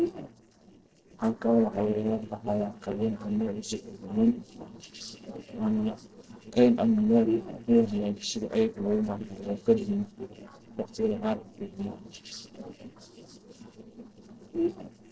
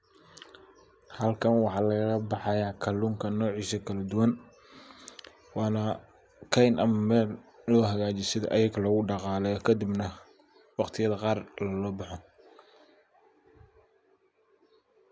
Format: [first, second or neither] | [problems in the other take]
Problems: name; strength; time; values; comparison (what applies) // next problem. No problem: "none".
second | noise reduction (neural separator model SepFormer DNS4)